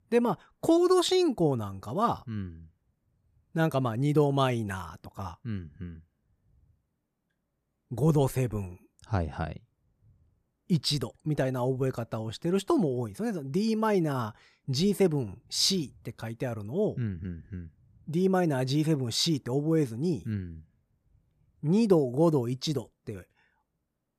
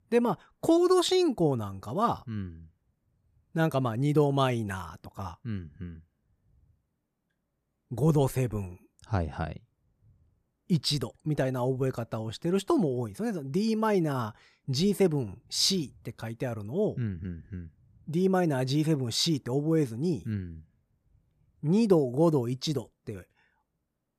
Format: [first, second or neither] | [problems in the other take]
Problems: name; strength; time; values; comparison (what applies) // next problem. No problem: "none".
neither | none